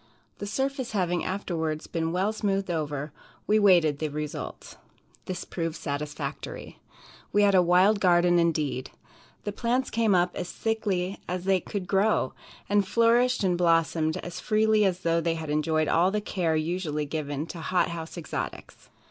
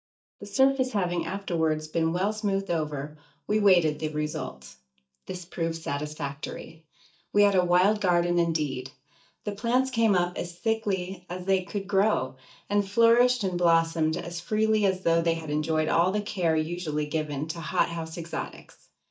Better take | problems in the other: first | noise reduction (neural mask model DeepFilterNet 3)

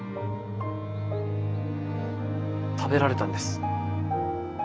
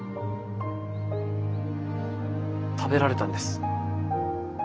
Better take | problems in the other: second | background sound (Bowed string instrument); 19 dB below the speech

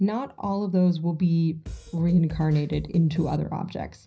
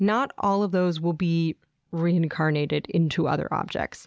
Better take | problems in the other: second | background sound (Drum kit); 15 dB below the speech // room echo; dies away in 0.4 s

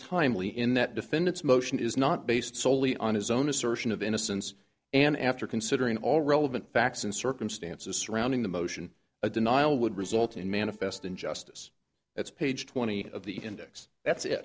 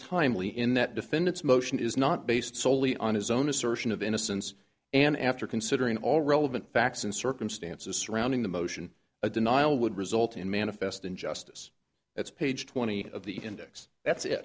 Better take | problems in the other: second | noise reduction (neural separator model SepFormer DNS4)

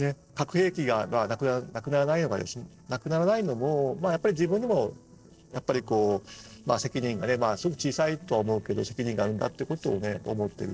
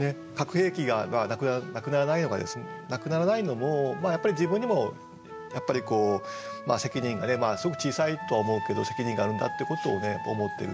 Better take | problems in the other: second | noise reduction (neural separator model SepFormer DNS4)

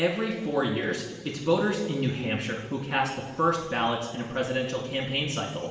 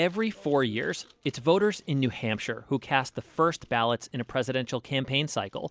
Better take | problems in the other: second | room echo; dies away in 1.3 s

